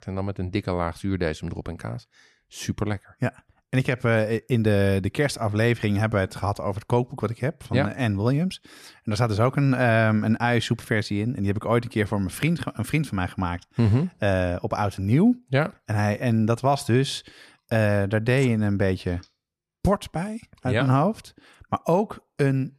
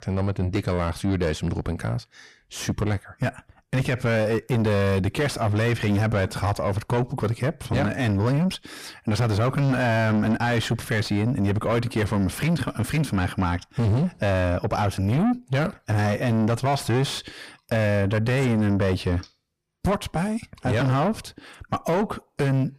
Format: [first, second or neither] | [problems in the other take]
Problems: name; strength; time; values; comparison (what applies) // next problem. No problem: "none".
first | distortion; heavy; 6 dB below the speech